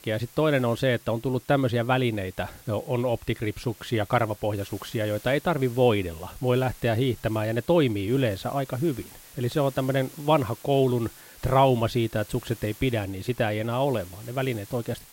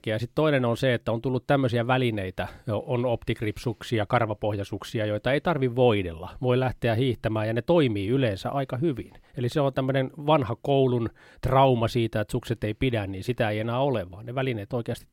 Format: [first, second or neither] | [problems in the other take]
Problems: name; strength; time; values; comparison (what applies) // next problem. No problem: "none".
second | hiss; faint; throughout; 20 dB below the speech